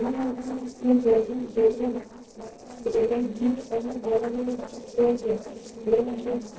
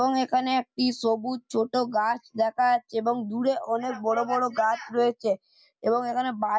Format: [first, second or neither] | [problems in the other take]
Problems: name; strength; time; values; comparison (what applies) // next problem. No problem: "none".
second | noise reduction (neural separator model SepFormer DNS4)